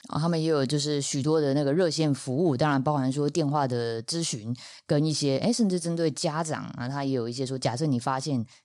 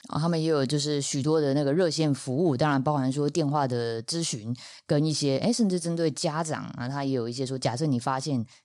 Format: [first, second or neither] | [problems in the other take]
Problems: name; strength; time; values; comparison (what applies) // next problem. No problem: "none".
neither | none